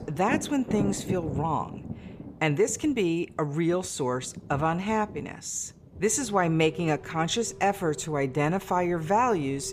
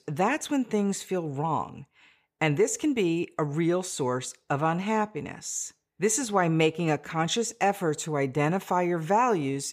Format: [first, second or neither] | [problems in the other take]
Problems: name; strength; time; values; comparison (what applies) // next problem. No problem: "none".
second | rain or running water; noticeable; throughout; 10 dB below the speech